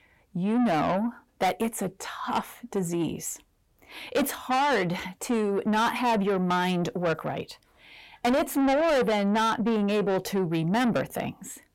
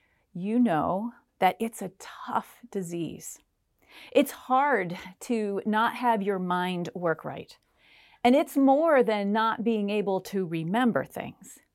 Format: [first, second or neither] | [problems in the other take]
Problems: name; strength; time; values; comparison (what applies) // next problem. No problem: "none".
second | distortion; heavy; 7 dB below the speech